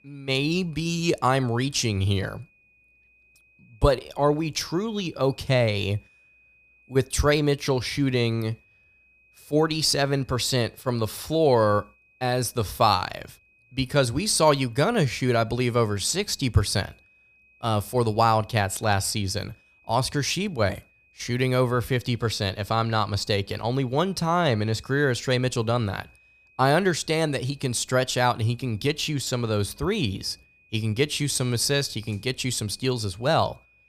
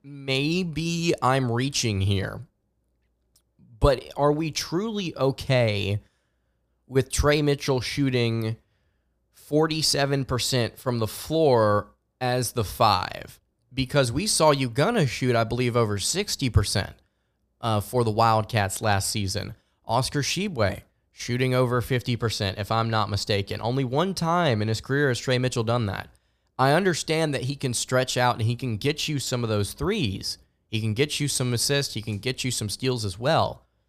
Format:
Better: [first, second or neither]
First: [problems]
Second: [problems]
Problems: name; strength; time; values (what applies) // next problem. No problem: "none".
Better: second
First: high-pitched whine; faint; throughout; 2.5 kHz, 35 dB below the speech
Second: none